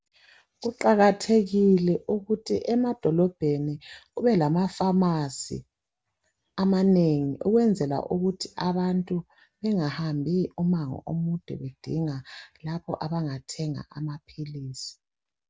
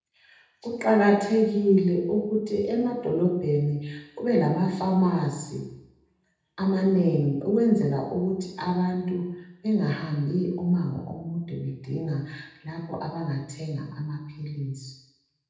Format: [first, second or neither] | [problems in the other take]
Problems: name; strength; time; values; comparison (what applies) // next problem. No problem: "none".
first | room echo; dies away in 0.9 s